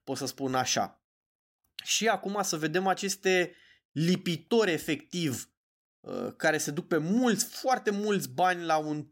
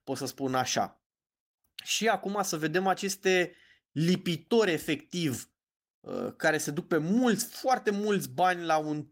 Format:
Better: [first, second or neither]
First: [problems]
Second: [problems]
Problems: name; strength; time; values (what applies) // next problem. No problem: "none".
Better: first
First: none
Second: garbled, watery; slightly; nothing above 16 kHz